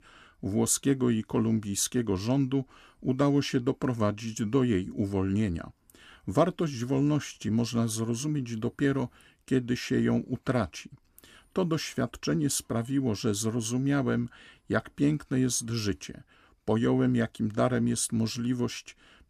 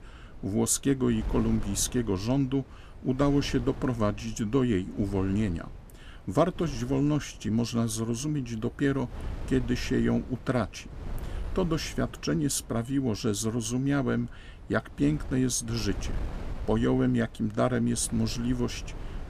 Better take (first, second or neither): first